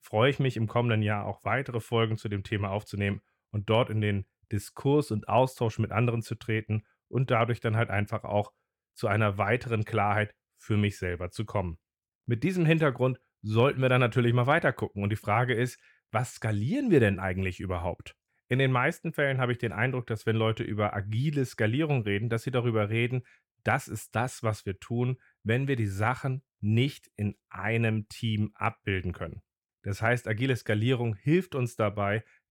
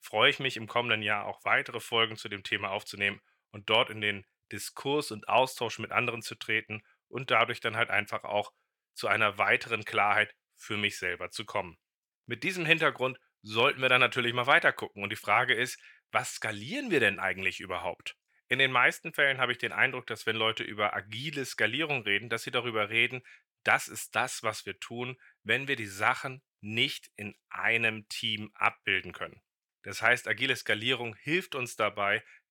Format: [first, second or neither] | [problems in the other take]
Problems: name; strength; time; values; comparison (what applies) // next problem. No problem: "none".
first | thin; somewhat; fading below 1 kHz